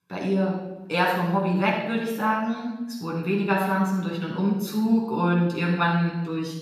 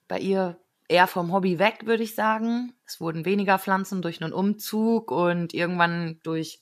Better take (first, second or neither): second